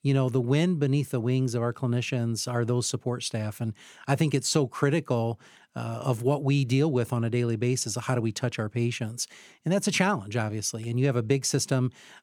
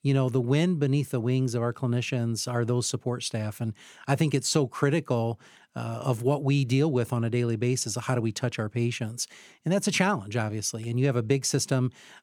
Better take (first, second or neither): neither